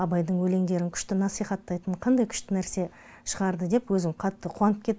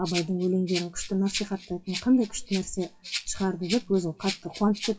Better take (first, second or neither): first